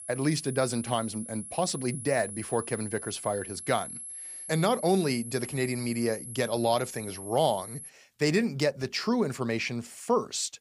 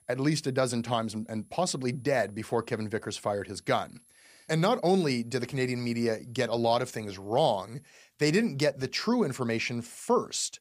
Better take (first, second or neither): second